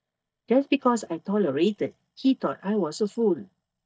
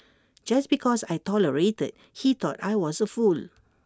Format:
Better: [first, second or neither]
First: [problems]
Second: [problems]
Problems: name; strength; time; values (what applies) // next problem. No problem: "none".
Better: second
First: noise reduction (neural mask model DeepFilterNet 3)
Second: none